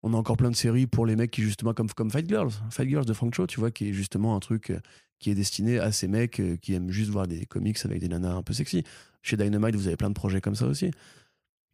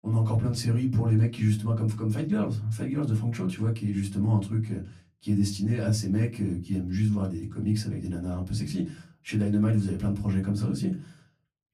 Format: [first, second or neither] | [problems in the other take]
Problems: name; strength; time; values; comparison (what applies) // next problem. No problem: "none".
first | off-mic speech; far // room echo; very slight; dies away in 0.3 s